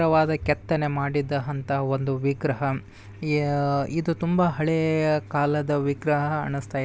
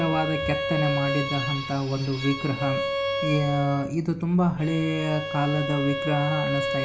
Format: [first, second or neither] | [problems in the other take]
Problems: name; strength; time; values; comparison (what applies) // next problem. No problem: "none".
first | background sound (Bowed string instrument); 4 dB below the speech // room echo; dies away in 0.4 s